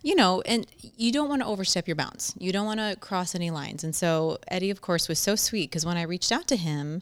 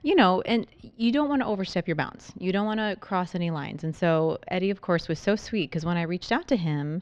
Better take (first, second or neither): first